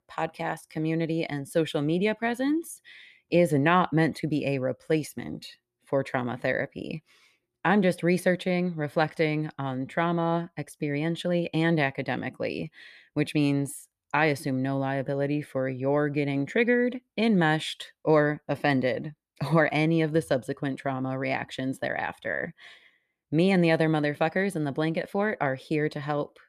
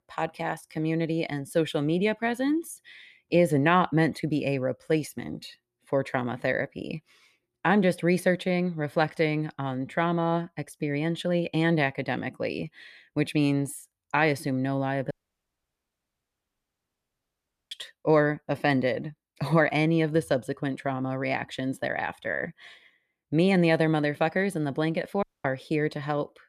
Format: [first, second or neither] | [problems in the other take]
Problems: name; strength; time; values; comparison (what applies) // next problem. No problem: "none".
first | audio cutting out; at 15 s for 2.5 s and at 25 s